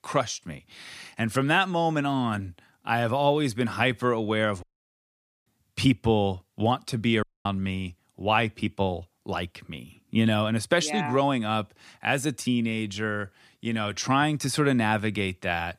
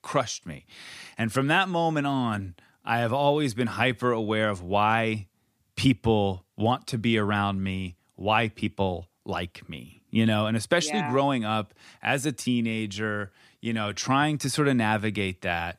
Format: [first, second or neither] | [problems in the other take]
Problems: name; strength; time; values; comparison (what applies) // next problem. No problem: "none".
second | audio cutting out; at 4.5 s for 1 s and at 7 s